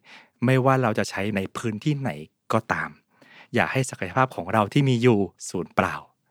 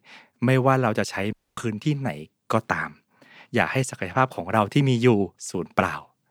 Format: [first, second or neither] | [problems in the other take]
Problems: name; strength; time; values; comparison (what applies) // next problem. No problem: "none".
first | audio cutting out; at 1.5 s